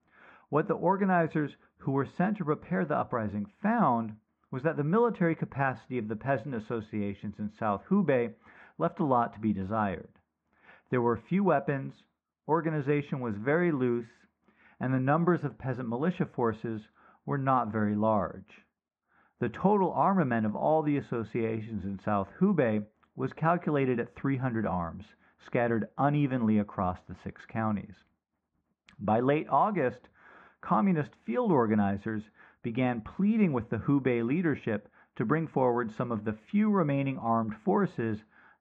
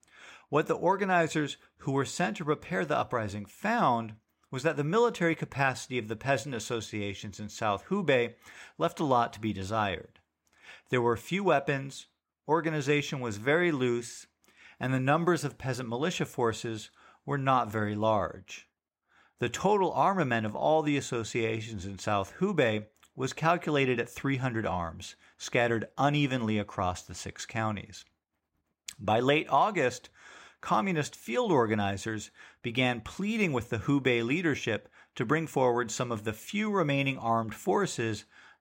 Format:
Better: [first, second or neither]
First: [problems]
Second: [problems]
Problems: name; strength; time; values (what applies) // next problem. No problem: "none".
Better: second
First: muffled; very; fading above 1.5 kHz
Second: none